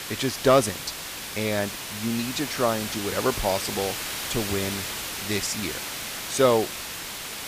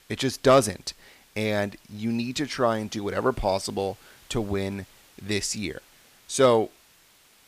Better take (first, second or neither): second